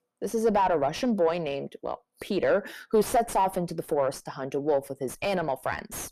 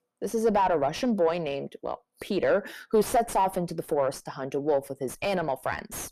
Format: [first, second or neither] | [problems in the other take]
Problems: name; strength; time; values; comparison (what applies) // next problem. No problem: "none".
neither | distortion; slight; 9 dB below the speech; the same in both